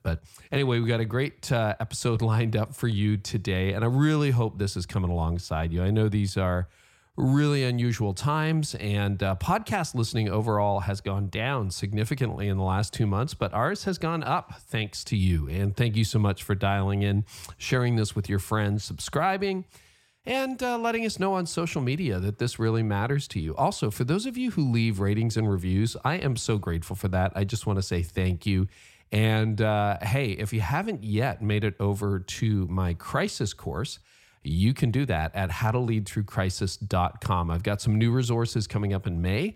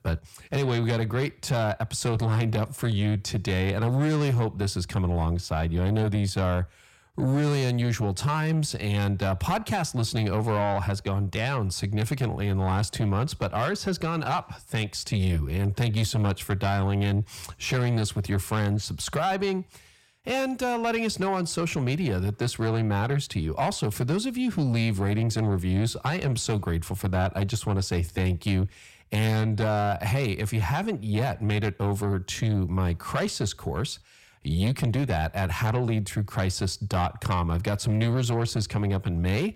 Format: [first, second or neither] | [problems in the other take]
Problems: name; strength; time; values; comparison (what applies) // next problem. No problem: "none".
first | distortion; slight; 10 dB below the speech